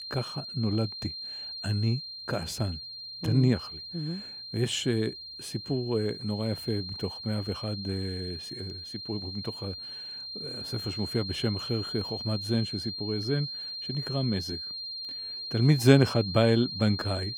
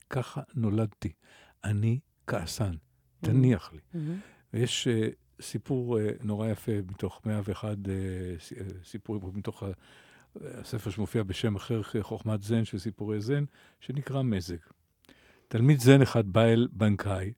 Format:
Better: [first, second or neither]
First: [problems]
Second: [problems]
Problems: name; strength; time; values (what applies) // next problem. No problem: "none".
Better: second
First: high-pitched whine; loud; throughout; 4 kHz, 7 dB below the speech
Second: none